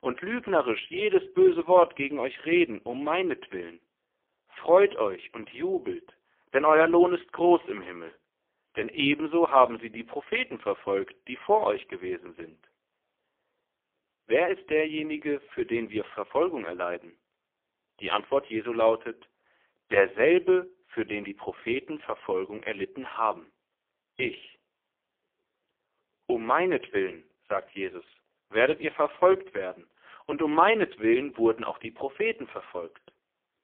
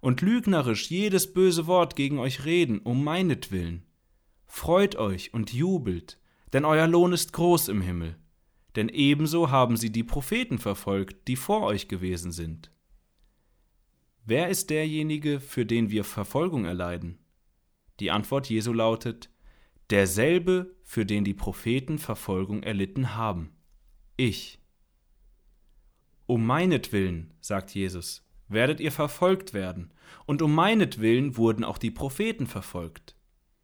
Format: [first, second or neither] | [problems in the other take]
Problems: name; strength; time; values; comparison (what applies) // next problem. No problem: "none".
second | phone-call audio; poor line; nothing above 3.5 kHz